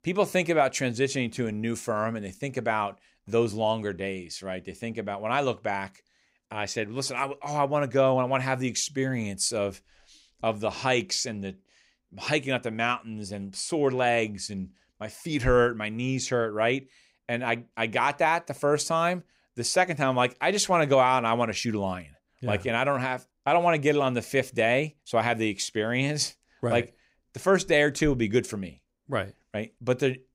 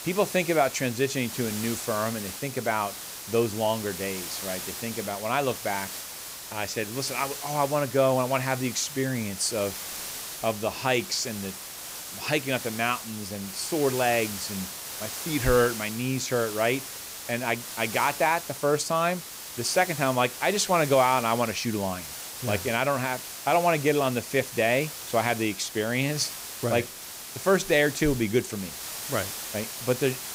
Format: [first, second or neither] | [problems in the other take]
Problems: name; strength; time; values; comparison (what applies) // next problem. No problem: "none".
first | hiss; loud; throughout; 8 dB below the speech